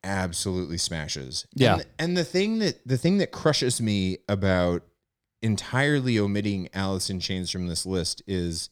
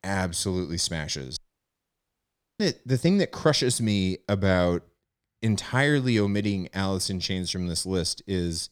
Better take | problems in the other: first | audio cutting out; at 1.5 s for 1 s

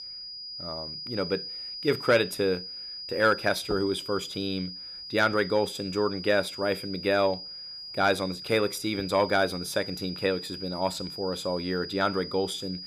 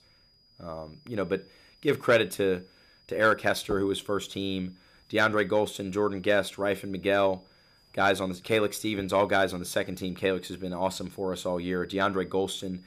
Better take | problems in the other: second | high-pitched whine; loud; throughout; 5 kHz, 9 dB below the speech; faint in the second

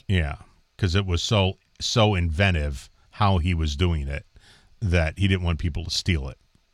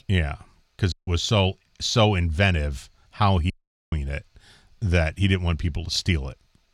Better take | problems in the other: first | audio cutting out; at 1 s and at 3.5 s

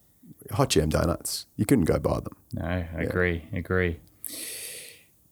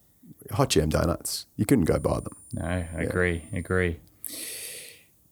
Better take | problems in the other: first | high-pitched whine; faint; from 2 to 4 s; 9.5 kHz, 20 dB below the speech

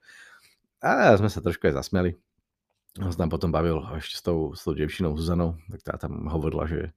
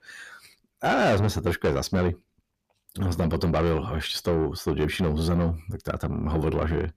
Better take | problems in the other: first | distortion; heavy; 6 dB below the speech

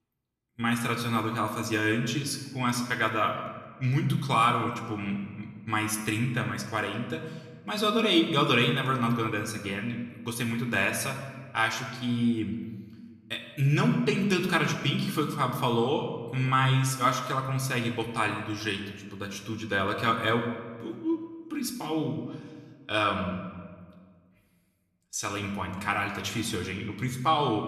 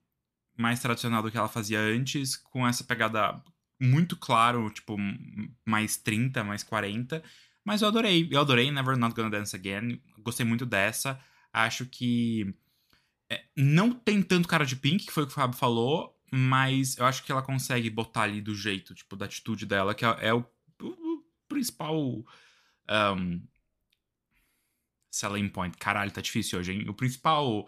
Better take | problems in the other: second | room echo; slight; dies away in 1.1 s

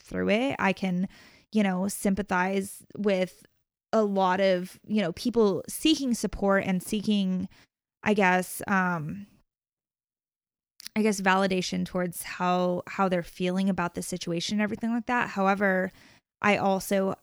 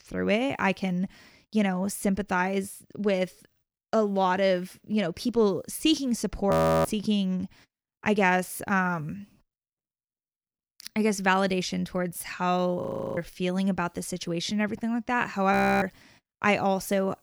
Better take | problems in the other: first | audio freezing; at 6.5 s, at 13 s and at 16 s

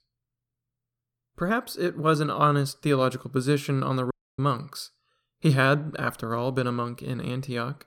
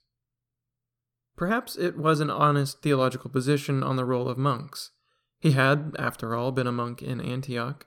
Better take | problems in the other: second | audio cutting out; at 4 s

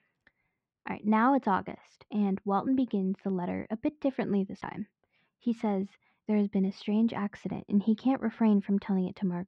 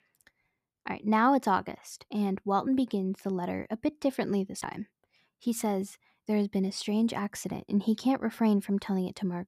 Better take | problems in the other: second | muffled; slightly; fading above 3 kHz

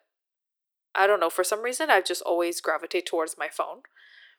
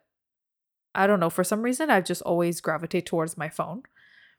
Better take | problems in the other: second | thin; very; fading below 350 Hz

